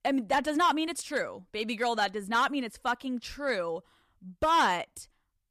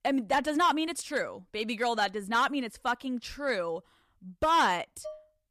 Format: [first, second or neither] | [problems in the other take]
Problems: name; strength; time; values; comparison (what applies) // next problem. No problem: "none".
first | clattering dishes; faint; at 5 s; peak 15 dB below the speech